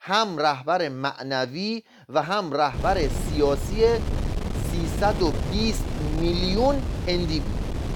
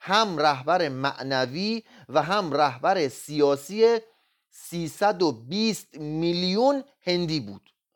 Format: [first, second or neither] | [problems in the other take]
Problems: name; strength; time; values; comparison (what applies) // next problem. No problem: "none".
second | wind noise on the microphone; occasional gusts; from 2.5 s on; 10 dB below the speech